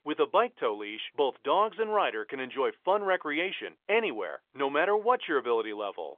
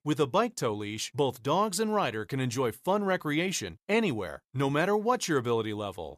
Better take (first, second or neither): second